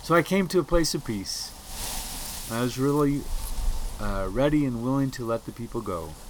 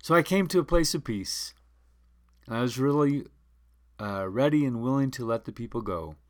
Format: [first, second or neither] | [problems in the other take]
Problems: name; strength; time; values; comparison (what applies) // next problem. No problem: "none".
second | wind noise on the microphone; occasional gusts; 15 dB below the speech